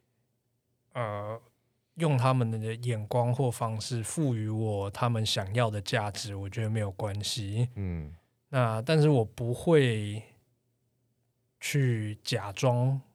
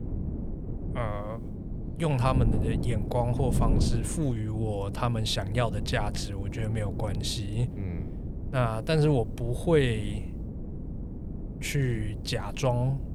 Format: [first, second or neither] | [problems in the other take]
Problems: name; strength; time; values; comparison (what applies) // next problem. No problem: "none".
first | wind noise on the microphone; occasional gusts; 10 dB below the speech